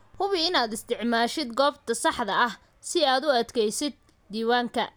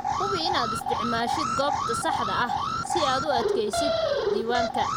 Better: first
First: none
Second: background sound (Alarm); 3 dB above the speech

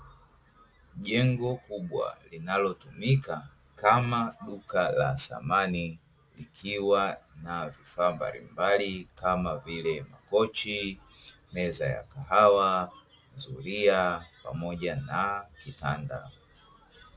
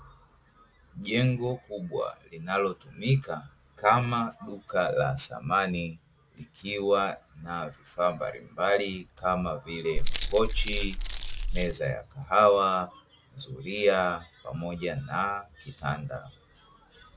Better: first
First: none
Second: background sound (Keys jangling); 3 dB above the speech

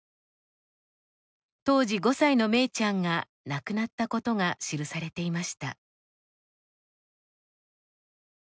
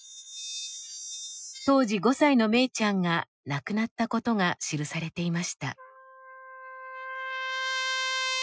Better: first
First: none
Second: noise reduction (classical method Wiener filter)

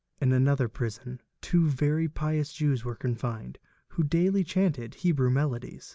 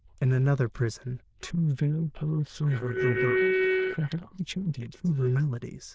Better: first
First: none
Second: noise reduction (neural diffusion model UNIVERSE++)

